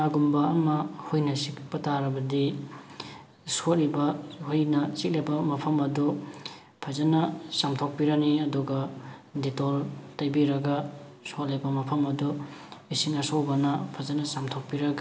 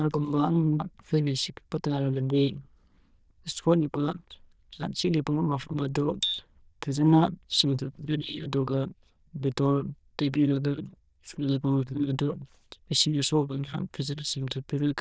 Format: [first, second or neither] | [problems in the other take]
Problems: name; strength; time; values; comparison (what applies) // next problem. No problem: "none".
first | noise reduction (neural diffusion model UNIVERSE++)